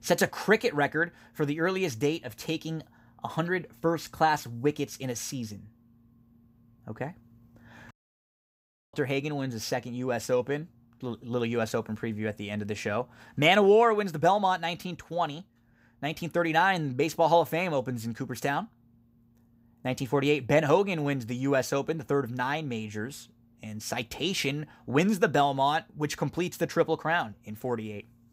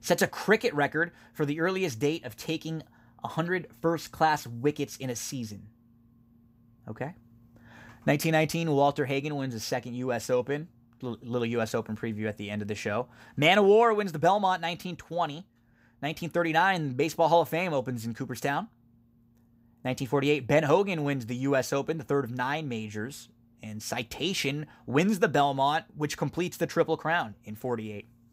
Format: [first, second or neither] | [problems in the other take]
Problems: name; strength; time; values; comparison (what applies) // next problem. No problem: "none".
second | audio cutting out; at 8 s for 1 s